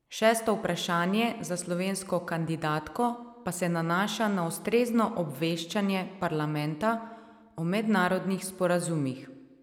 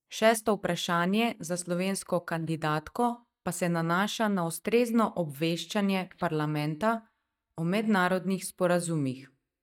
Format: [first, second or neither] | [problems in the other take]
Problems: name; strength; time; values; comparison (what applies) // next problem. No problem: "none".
first | noise reduction (neural mask model DeepFilterNet 3)